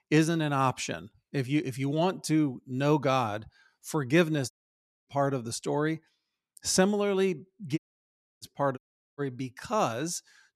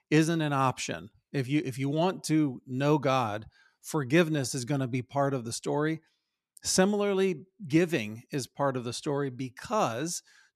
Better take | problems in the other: second | audio cutting out; at 4.5 s for 0.5 s, at 8 s for 0.5 s and at 9 s

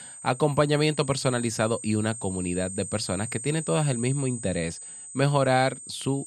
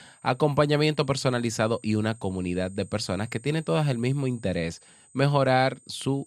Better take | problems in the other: second | high-pitched whine; loud; throughout; 8 kHz, 10 dB below the speech; faint in the second

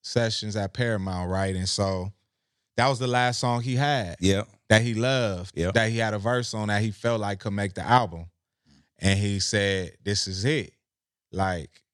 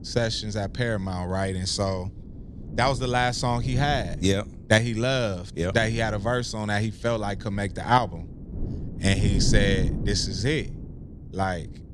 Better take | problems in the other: first | wind noise on the microphone; occasional gusts; 15 dB below the speech

